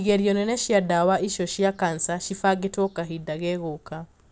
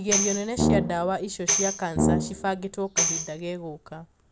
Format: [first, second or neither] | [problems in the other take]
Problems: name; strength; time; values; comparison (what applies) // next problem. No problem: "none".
first | background sound (Brass instrument + Tambourine); 3 dB above the speech